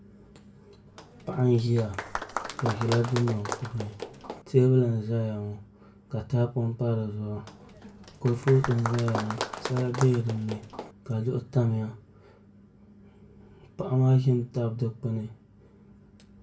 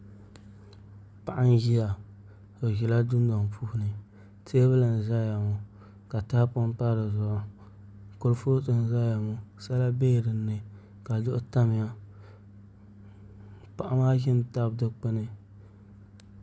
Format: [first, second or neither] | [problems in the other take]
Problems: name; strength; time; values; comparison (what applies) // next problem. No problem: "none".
second | background sound (Applause); 9 dB below the speech // room echo; dies away in 0.2 s